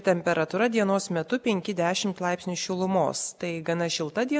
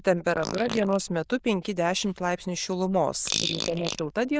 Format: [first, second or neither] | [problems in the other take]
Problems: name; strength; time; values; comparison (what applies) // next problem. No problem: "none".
first | noise reduction (neural diffusion model UNIVERSE++)